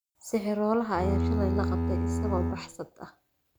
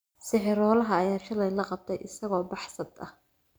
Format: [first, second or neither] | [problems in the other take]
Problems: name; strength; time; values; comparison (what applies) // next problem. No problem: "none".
second | background sound (Bowed string instrument); 4 dB above the speech